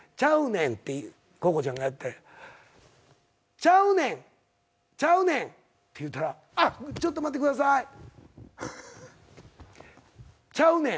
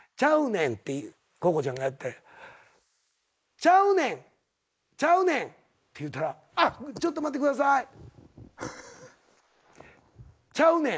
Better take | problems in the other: first | noise reduction (neural mask model Resemble Enhance denoiser)

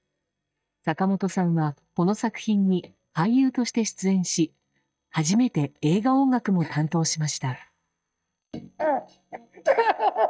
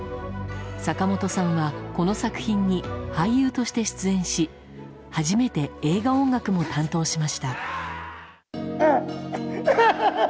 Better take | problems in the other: second | noise reduction (neural mask model DeepFilterNet 3)

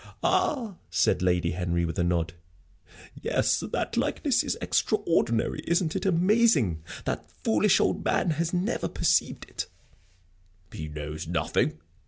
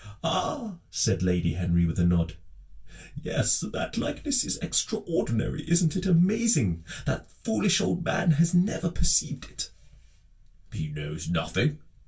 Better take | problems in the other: first | room echo; dies away in 0.1 s

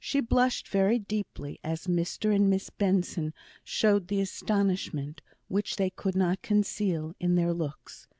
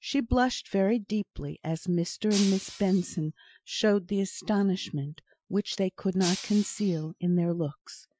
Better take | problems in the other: first | noise reduction (classical method Wiener filter)

